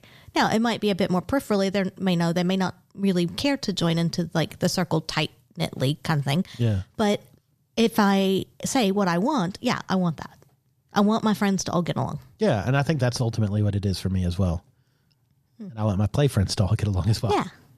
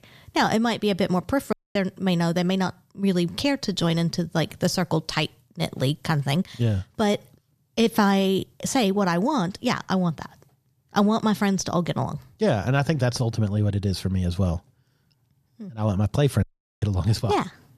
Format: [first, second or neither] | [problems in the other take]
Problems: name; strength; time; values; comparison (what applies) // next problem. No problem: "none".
first | audio cutting out; at 1.5 s and at 16 s